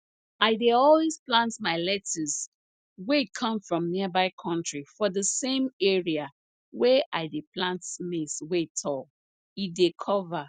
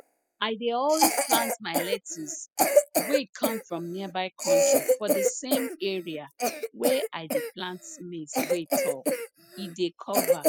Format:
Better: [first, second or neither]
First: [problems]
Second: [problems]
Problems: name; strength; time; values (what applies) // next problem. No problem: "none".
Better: first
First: none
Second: noise reduction (classical method spectral subtraction)